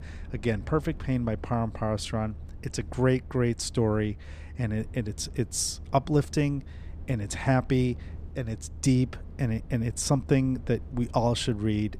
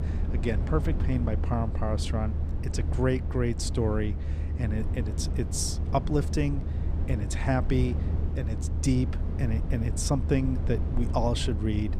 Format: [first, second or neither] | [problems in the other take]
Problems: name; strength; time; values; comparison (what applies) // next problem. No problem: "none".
first | low rumble; loud; throughout; 10 dB below the speech; faint in the first